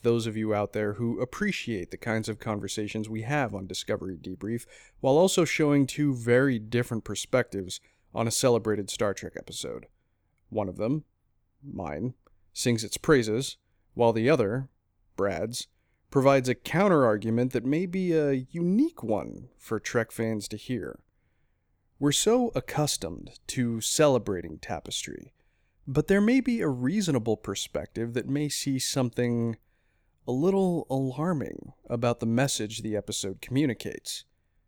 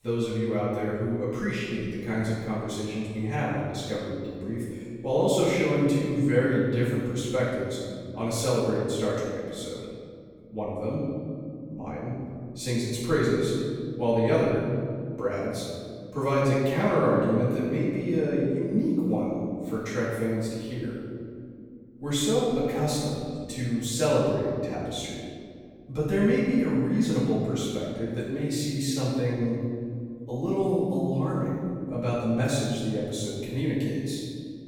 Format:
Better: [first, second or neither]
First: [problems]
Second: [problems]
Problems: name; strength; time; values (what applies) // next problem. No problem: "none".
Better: first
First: none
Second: off-mic speech; far // room echo; strong; dies away in 2.2 s